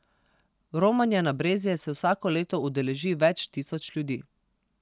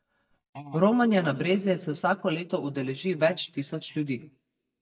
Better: first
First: none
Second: noise reduction (neural mask model DeepFilterNet 3)

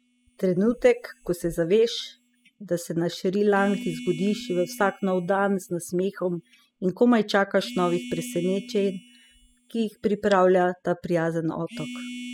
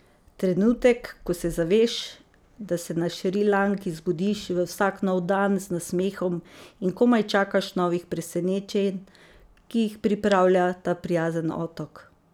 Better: second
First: noise reduction (classical method spectral subtraction)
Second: none

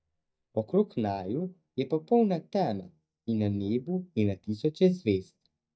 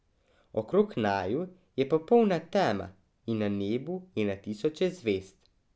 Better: second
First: noise reduction (neural mask model DeepFilterNet 3)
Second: none

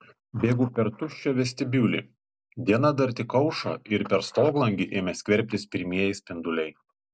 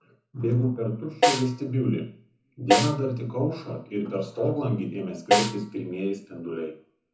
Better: first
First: none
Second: background sound (Snare drum); 1 dB above the speech // room echo; dies away in 0.5 s

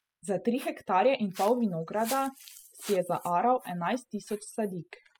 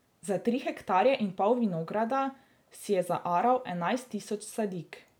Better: second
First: noise reduction (classical method spectral subtraction)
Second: none

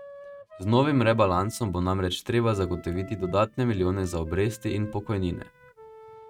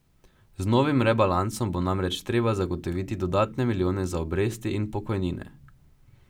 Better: second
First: noise reduction (neural mask model RNNoise)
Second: none

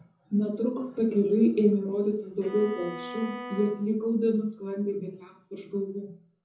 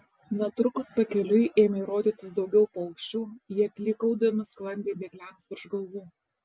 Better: second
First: background sound (Bowed string instrument); 12 dB below the speech // room echo; dies away in 0.5 s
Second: none

